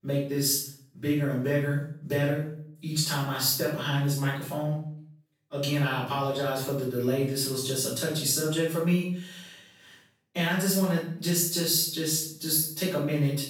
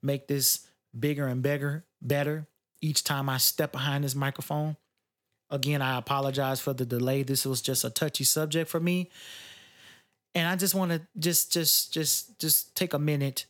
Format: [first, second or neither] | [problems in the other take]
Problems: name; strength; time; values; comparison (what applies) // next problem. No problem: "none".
second | off-mic speech; far // room echo; noticeable; dies away in 0.5 s